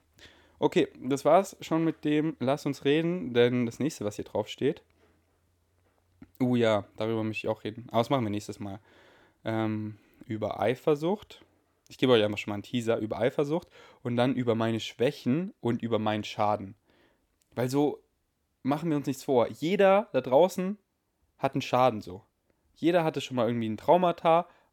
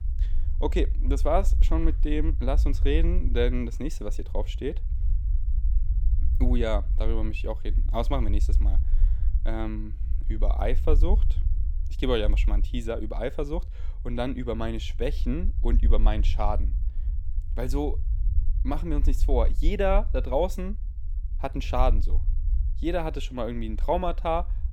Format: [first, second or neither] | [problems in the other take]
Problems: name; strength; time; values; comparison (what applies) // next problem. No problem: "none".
first | low rumble; noticeable; throughout; 20 dB below the speech